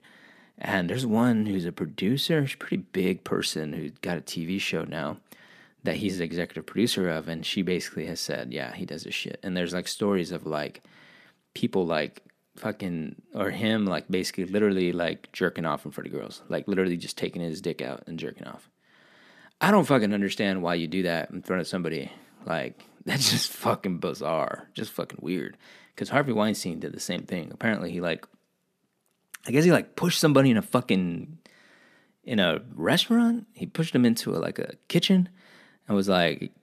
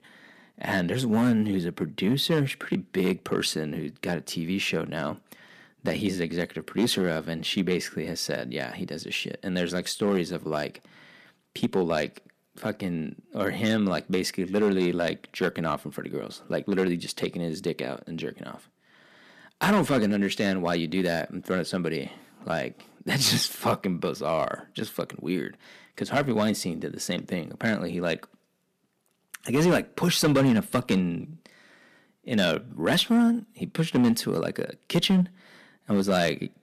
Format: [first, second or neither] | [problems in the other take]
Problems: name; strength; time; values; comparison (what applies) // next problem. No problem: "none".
first | distortion; slight; 2% of the sound clipped